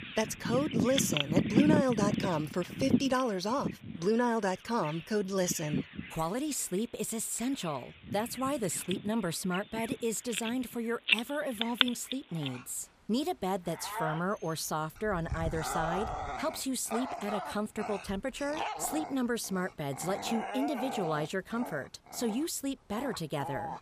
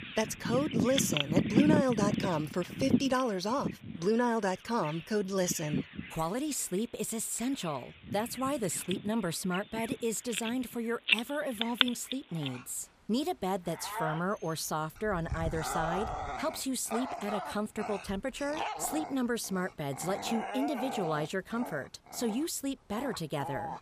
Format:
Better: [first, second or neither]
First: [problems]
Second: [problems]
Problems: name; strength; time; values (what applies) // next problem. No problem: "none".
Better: neither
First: animal sounds; loud; throughout; 2 dB below the speech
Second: animal sounds; loud; throughout; 2 dB below the speech